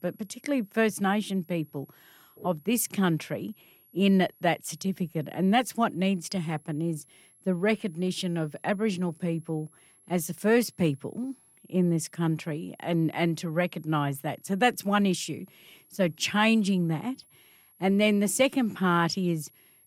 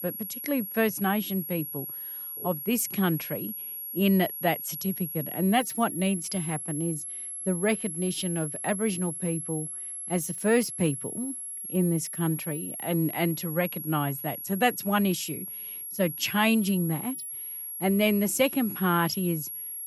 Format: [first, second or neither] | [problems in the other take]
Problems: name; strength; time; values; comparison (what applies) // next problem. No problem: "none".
first | high-pitched whine; loud; throughout; 11.5 kHz, 6 dB below the speech; faint in the first